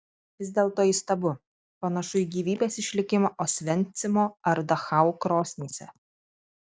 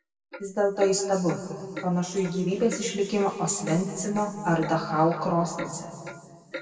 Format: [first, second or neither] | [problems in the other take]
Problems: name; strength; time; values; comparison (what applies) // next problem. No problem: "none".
first | background sound (Clock); 16 dB below the speech // room echo; dies away in 2.3 s